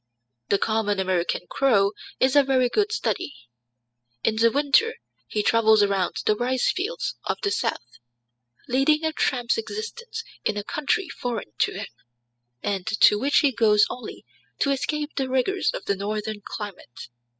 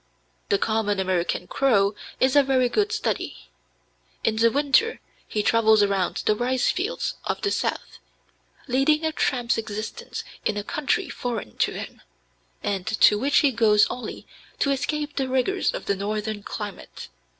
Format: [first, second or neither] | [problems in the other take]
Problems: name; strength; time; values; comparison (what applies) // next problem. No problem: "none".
second | noise reduction (classical method spectral subtraction)